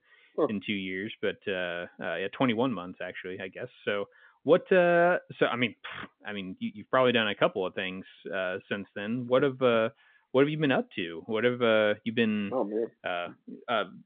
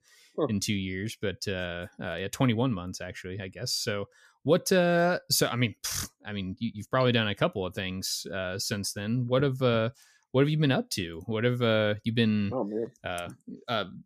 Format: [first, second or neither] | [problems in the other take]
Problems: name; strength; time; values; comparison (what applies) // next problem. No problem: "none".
second | phone-call audio; nothing above 3.5 kHz